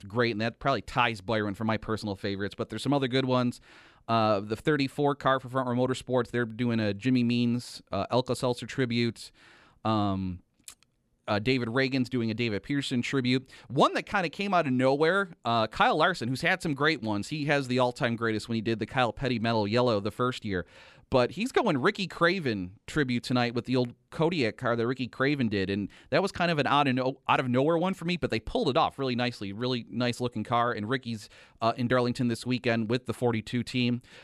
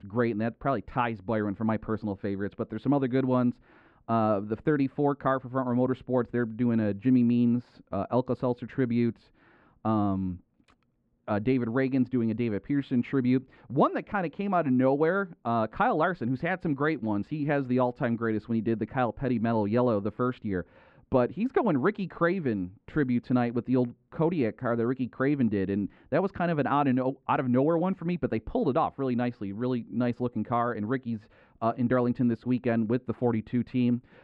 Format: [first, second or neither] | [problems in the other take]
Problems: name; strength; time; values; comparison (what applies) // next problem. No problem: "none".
first | muffled; very; fading above 1.5 kHz